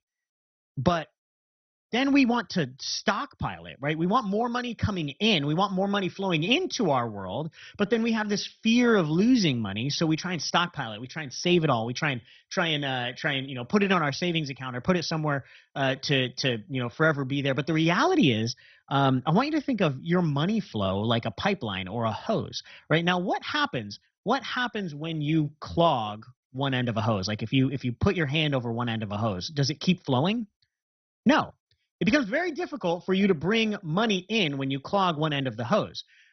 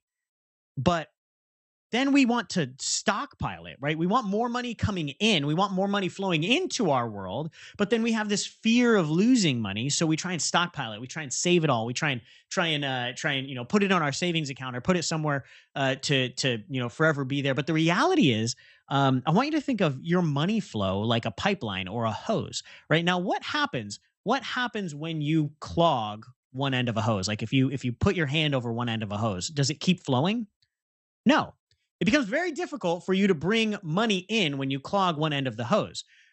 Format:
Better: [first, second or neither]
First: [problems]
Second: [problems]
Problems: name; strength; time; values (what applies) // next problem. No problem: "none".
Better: second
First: garbled, watery; badly; nothing above 6 kHz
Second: garbled, watery; slightly; nothing above 8 kHz